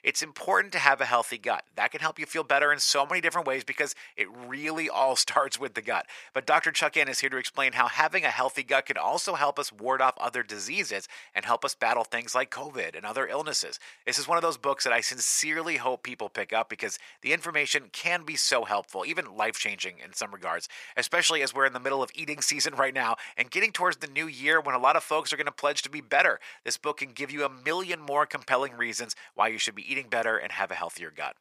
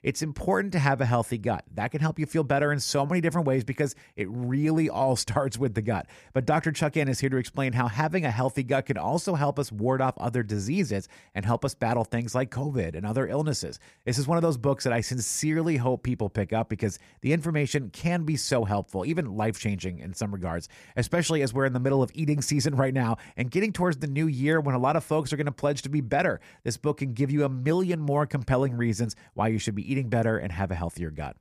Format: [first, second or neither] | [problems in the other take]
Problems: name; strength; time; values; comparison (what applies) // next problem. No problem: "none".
second | thin; very; fading below 650 Hz